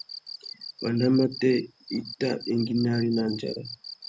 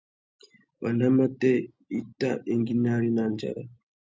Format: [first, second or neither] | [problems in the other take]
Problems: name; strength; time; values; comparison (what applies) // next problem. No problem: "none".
second | background sound (Cricket); 14 dB below the speech